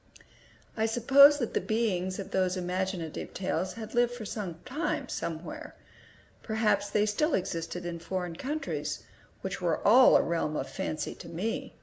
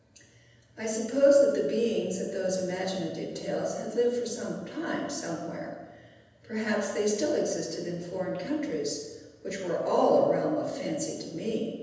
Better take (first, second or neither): first